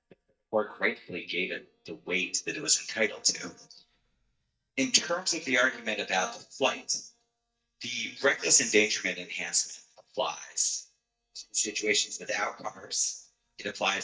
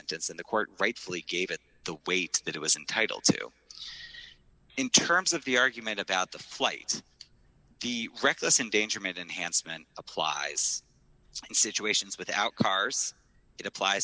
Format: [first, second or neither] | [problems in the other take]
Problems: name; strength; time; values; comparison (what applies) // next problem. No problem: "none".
second | noise reduction (neural mask model DeepFilterNet 3)